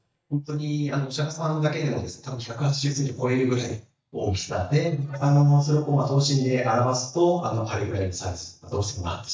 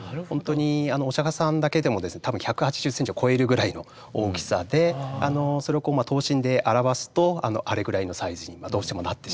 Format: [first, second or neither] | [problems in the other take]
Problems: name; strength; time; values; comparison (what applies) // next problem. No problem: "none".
second | noise reduction (neural mask model DeepFilterNet 3)